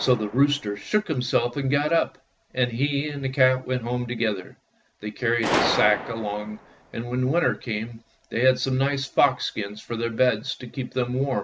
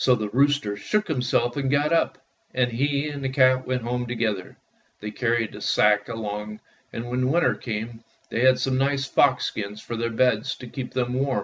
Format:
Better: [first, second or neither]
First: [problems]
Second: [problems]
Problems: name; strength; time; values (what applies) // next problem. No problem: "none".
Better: second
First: background sound (Gunshot, gunfire); 12 dB below the speech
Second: none